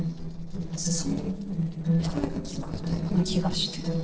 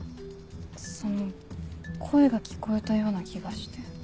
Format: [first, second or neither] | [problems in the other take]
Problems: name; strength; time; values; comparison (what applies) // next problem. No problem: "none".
second | noise reduction (neural separator model SepFormer DNS4)